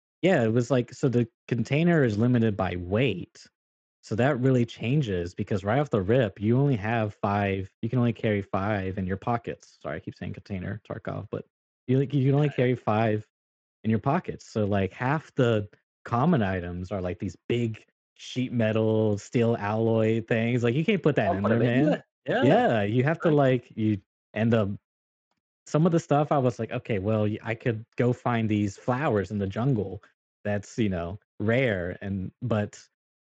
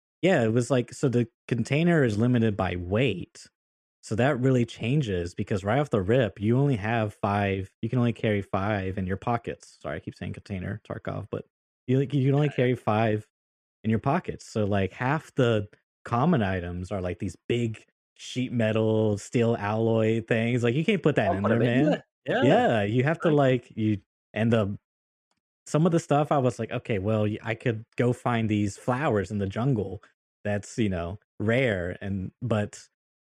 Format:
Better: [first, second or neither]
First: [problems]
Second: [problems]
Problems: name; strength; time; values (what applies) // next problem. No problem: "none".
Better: second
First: garbled, watery; slightly; nothing above 7.5 kHz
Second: none